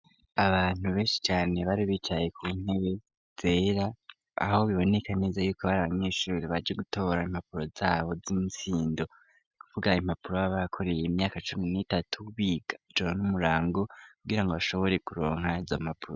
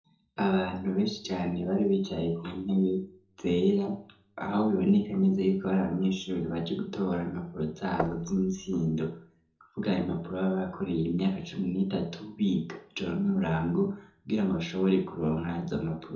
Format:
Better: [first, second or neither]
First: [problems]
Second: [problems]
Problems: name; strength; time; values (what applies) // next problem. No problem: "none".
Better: first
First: none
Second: noise reduction (neural separator model SepFormer DNS4)